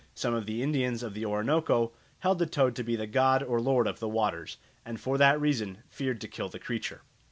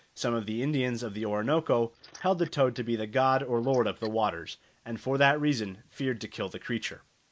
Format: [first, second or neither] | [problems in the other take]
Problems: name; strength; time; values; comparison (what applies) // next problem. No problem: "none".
first | noise reduction (neural mask model Resemble Enhance denoiser)